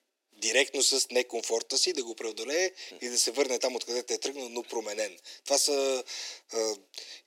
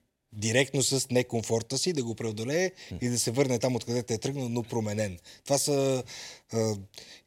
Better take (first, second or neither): second